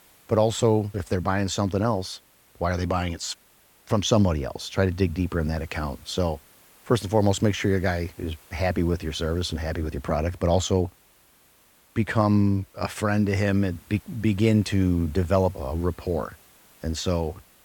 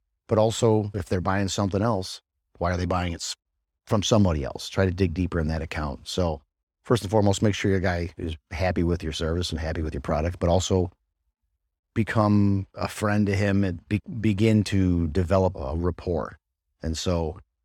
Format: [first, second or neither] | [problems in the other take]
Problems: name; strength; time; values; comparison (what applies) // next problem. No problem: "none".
second | hiss; faint; throughout; 30 dB below the speech